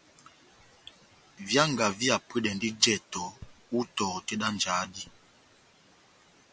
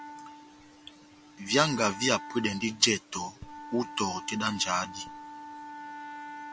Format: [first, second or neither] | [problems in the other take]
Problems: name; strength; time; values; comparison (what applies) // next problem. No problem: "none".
first | background sound (Wind instrument, woodwind instrument); 13 dB below the speech